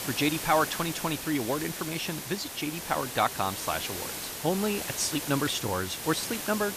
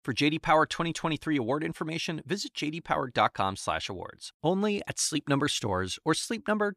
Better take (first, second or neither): second